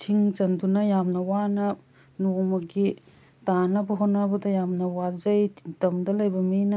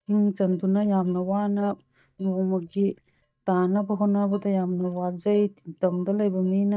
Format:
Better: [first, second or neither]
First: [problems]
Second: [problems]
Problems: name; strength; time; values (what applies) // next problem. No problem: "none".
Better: first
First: none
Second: noise reduction (neural mask model DeepFilterNet 3)